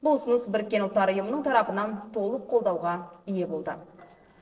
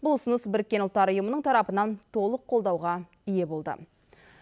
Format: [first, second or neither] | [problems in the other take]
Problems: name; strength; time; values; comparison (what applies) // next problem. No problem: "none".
second | noise reduction (neural separator model SepFormer DNS4)